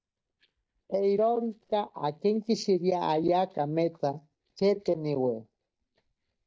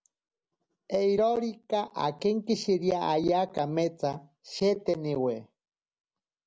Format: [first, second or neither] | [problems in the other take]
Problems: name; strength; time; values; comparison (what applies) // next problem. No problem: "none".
second | noise reduction (neural mask model DeepFilterNet 3)